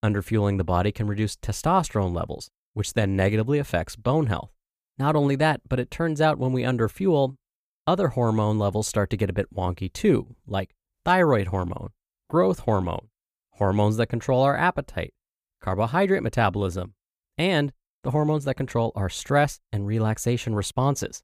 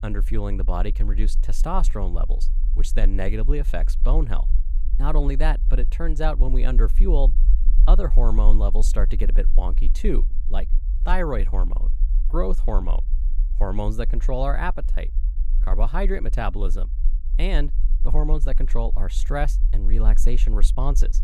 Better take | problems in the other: first | low rumble; noticeable; throughout; 20 dB below the speech

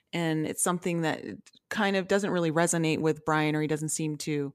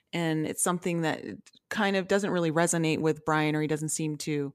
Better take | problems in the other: neither | none

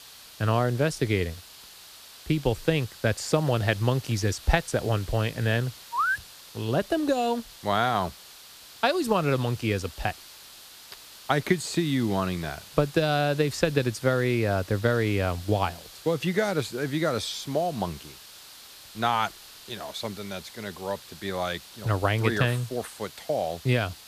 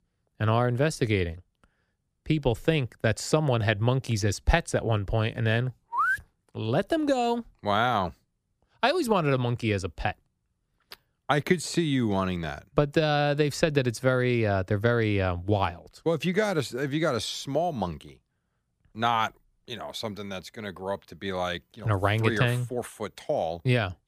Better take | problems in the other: second | hiss; noticeable; throughout; 15 dB below the speech

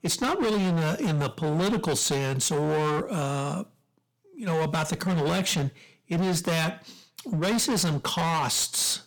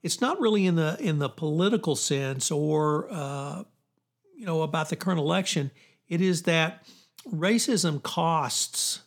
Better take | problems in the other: second | distortion; heavy; 27% of the sound clipped

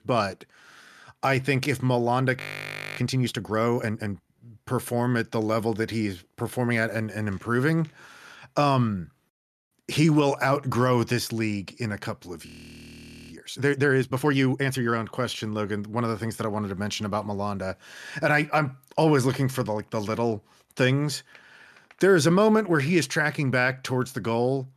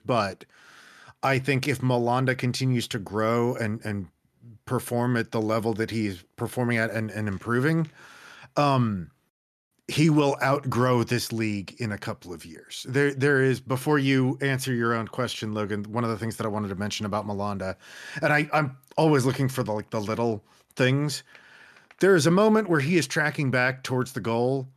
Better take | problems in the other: second | audio freezing; at 2.5 s for 0.5 s and at 12 s for 1 s

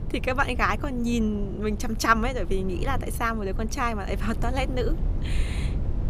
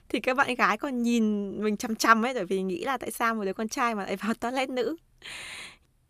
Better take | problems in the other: second | low rumble; noticeable; throughout; 15 dB below the speech

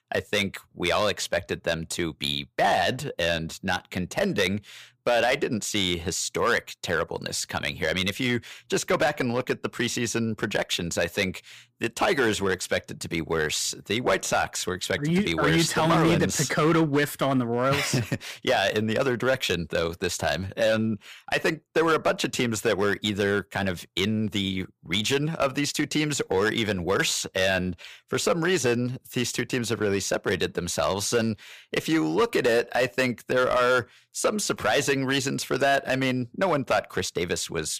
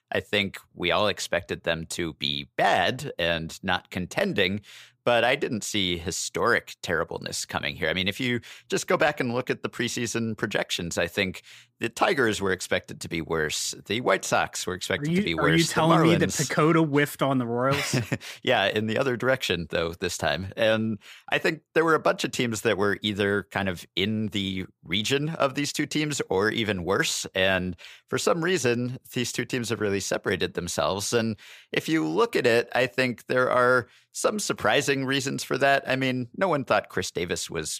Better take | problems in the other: second | distortion; slight; 4% of the sound clipped

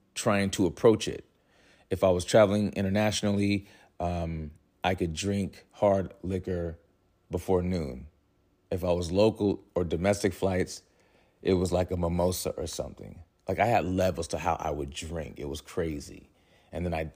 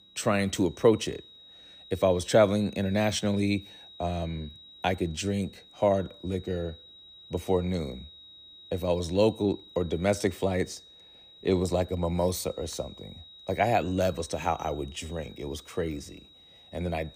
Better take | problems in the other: first | high-pitched whine; faint; throughout; 4 kHz, 20 dB below the speech

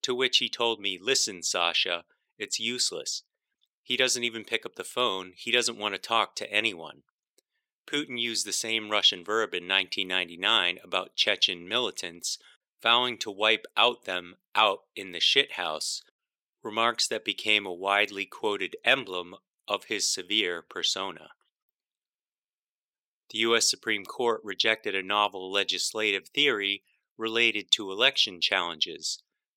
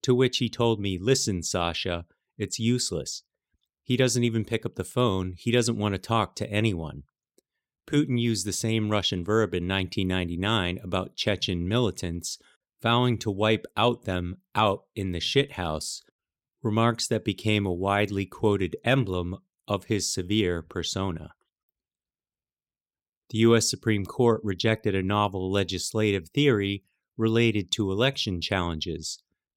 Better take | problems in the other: second | thin; very; fading below 500 Hz

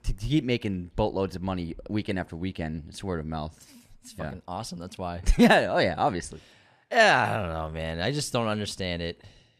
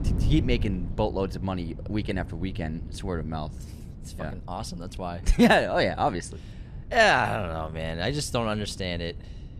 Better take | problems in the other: first | wind noise on the microphone; occasional gusts; 25 dB below the speech

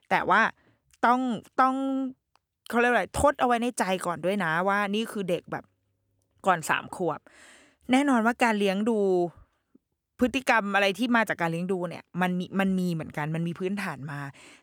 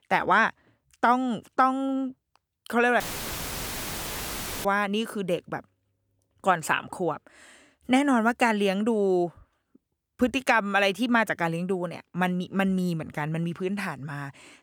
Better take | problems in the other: first | audio cutting out; filled with static; at 3 s for 1.5 s

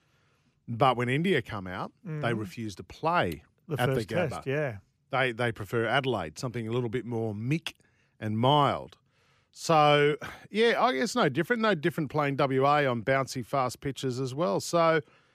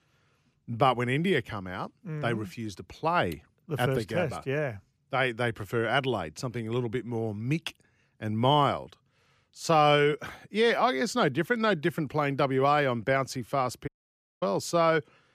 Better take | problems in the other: first | audio cutting out; at 14 s for 0.5 s

